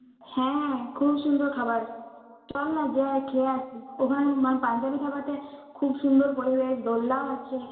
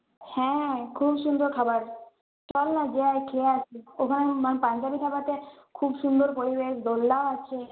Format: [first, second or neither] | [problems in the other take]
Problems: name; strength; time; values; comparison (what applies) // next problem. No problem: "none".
second | room echo; dies away in 1.7 s